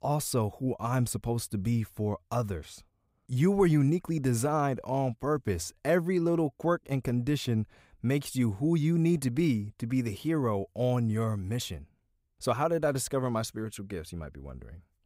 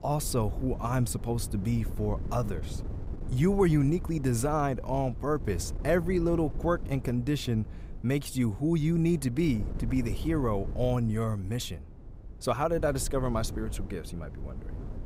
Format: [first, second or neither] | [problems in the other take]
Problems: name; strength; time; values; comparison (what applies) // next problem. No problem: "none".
first | wind noise on the microphone; occasional gusts; 20 dB below the speech